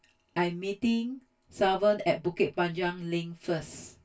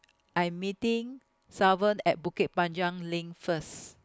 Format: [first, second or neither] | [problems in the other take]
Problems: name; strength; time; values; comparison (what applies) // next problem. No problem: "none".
second | room echo; dies away in 0.1 s